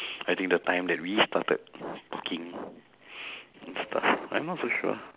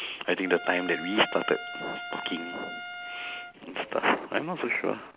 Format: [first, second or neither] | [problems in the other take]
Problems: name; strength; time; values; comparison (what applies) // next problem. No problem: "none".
first | background sound (Trumpet); 9 dB below the speech